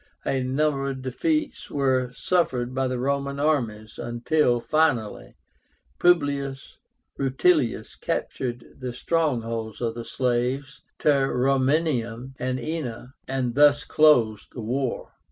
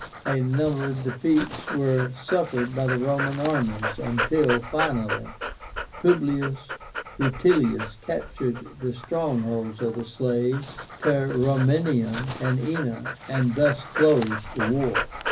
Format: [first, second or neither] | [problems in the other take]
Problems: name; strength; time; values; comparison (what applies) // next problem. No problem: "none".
first | background sound (Dog); 9 dB below the speech // room echo; dies away in 0.5 s